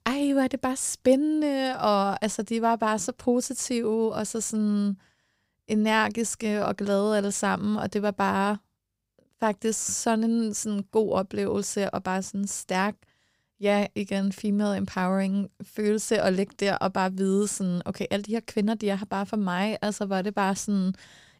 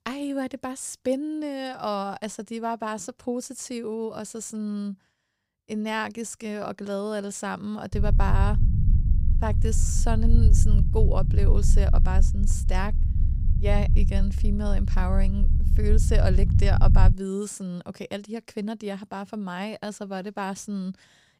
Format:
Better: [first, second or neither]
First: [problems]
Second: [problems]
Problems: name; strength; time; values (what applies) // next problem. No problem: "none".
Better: first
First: none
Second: low rumble; loud; from 8 to 17 s; 9 dB below the speech